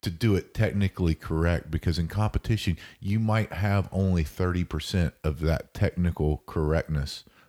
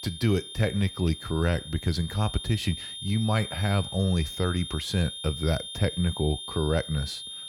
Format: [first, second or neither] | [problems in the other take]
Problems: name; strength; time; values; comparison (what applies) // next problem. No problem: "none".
first | high-pitched whine; loud; throughout; 3.5 kHz, 8 dB below the speech